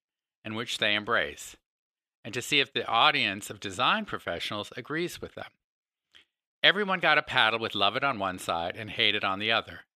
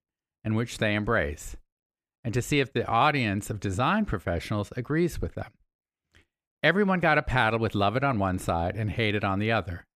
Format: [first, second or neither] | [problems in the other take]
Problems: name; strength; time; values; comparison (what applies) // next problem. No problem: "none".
second | thin; somewhat; fading below 550 Hz